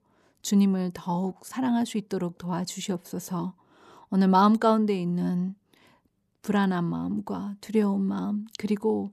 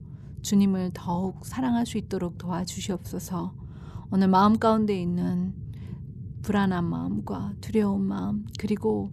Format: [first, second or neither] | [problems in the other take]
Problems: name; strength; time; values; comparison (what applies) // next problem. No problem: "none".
first | low rumble; faint; throughout; 20 dB below the speech